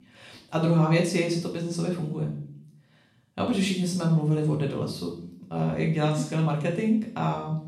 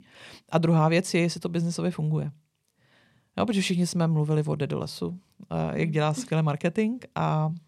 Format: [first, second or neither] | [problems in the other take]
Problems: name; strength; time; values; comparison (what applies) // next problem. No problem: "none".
second | room echo; noticeable; dies away in 0.5 s // off-mic speech; far